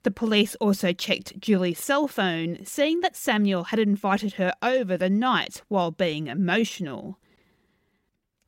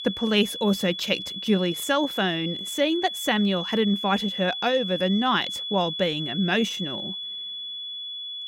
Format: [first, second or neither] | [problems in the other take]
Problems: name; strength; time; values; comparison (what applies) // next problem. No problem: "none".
first | high-pitched whine; loud; throughout; 3.5 kHz, 6 dB below the speech